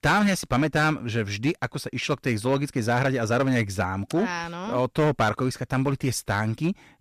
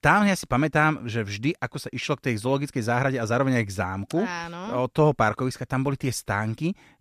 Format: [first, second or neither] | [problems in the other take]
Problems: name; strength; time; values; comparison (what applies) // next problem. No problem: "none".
second | distortion; slight; 5% of the sound clipped